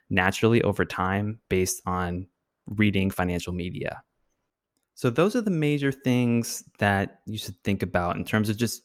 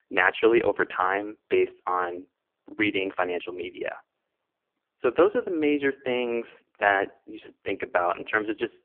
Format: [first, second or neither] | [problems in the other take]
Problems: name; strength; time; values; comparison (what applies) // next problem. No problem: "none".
first | phone-call audio; poor line